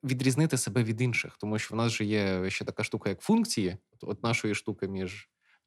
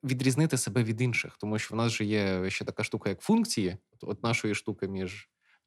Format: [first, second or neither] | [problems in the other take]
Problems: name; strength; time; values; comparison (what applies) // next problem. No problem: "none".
neither | none